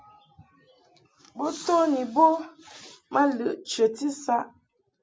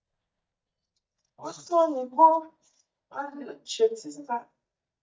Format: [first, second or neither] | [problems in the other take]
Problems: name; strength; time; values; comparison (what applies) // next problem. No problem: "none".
first | noise reduction (neural mask model DeepFilterNet 3)